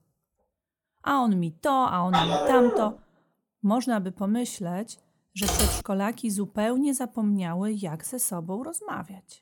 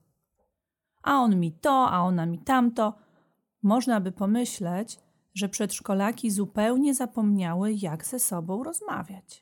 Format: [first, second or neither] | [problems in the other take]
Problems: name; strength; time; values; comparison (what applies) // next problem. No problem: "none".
second | dog barking; loud; at 2 s; peak 5 dB above the speech // keyboard typing; loud; at 5.5 s; peak 3 dB above the speech